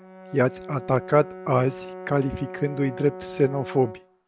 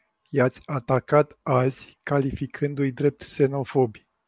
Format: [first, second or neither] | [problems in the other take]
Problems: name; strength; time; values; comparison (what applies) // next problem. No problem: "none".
second | background sound (Brass instrument); 13 dB below the speech